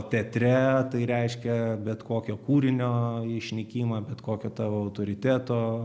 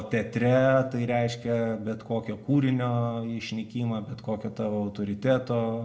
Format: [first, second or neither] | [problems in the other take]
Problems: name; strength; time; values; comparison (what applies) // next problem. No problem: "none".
first | room echo; dies away in 0.2 s